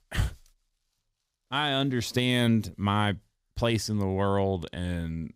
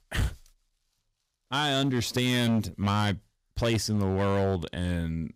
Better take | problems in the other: first | distortion; slight; 8% of the sound clipped

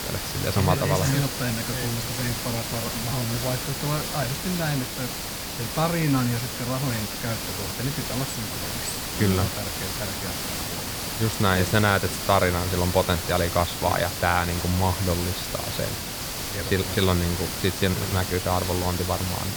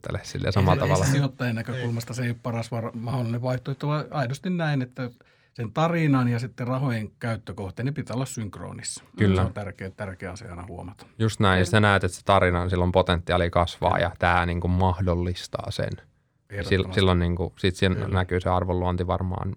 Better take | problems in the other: second | hiss; loud; throughout; 3 dB below the speech

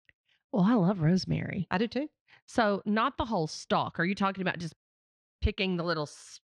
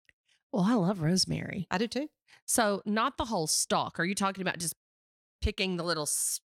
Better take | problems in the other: second | muffled; slightly; fading above 3.5 kHz

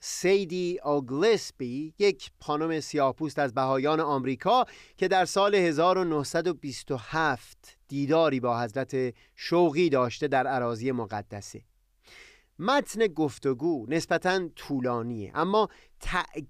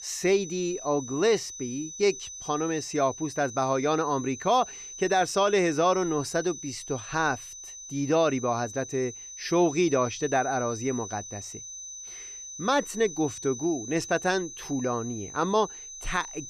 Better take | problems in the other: first | high-pitched whine; noticeable; throughout; 6 kHz, 10 dB below the speech

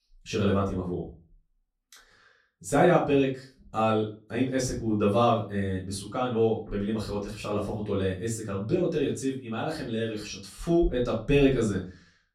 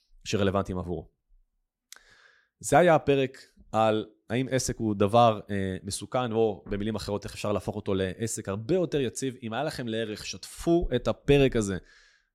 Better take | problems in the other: second | off-mic speech; far // room echo; slight; dies away in 0.3 s

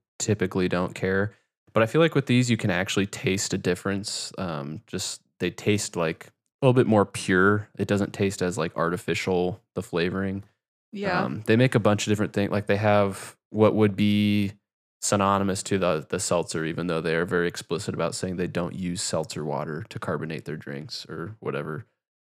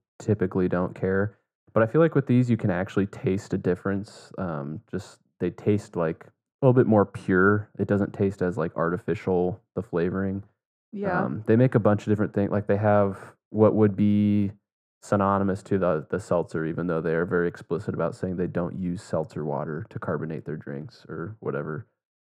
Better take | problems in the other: first | muffled; very; fading above 1.5 kHz

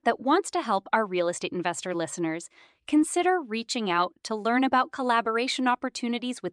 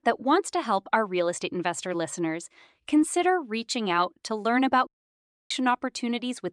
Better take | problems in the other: first | audio cutting out; at 5 s for 0.5 s

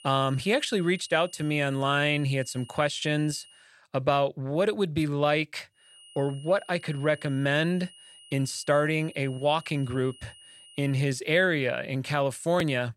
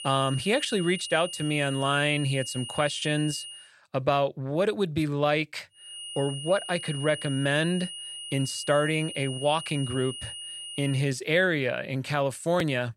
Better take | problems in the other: first | high-pitched whine; loud; until 3.5 s and from 6 to 11 s; 3 kHz, 9 dB below the speech; faint in the first

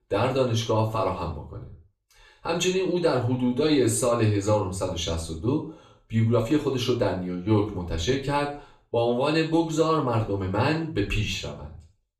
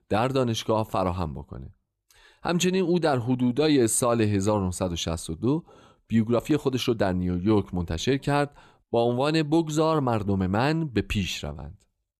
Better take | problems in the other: second | room echo; slight; dies away in 0.3 s // off-mic speech; far

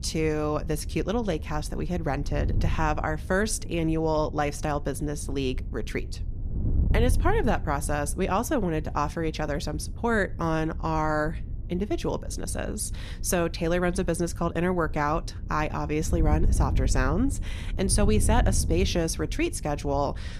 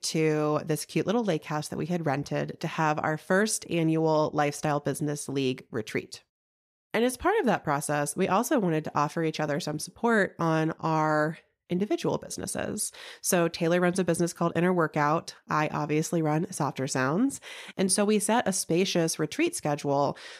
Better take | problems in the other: second | wind noise on the microphone; occasional gusts; 20 dB below the speech

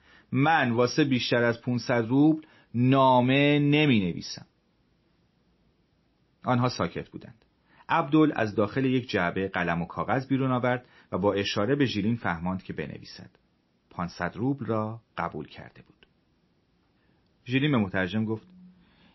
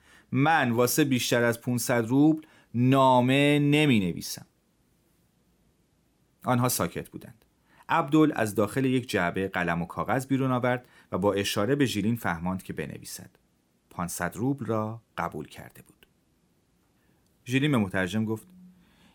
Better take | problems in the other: second | garbled, watery; slightly; nothing above 5.5 kHz

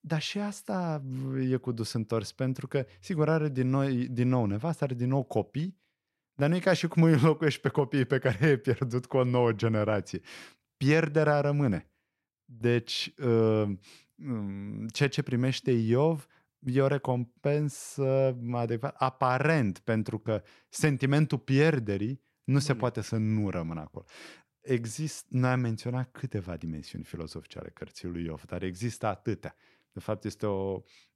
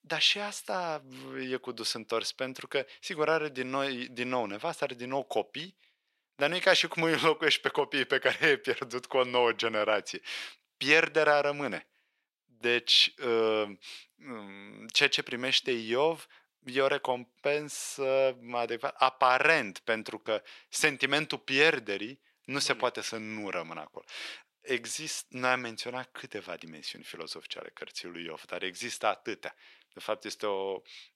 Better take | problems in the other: first | thin; very; fading below 500 Hz

